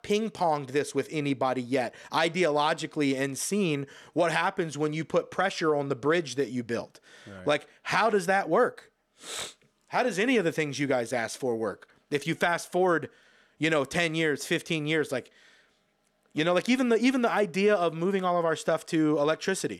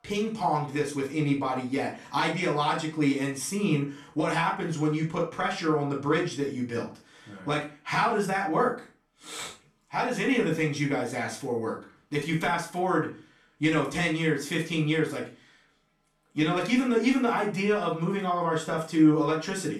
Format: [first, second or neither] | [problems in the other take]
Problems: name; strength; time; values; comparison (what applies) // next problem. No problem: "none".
first | off-mic speech; far // room echo; slight; dies away in 0.3 s